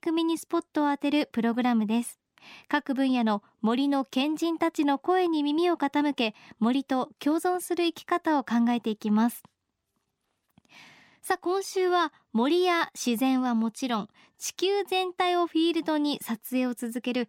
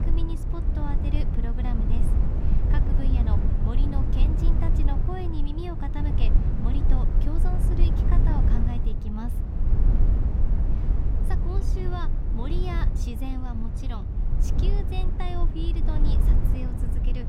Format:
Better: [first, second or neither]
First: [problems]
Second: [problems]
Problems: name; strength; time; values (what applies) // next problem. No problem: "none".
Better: first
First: none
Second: low rumble; loud; throughout; 1 dB below the speech